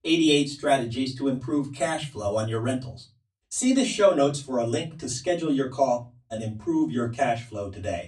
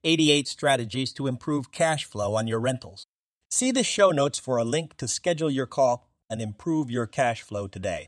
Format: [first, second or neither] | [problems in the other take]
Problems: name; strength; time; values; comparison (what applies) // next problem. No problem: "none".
second | off-mic speech; far // room echo; very slight; dies away in 0.3 s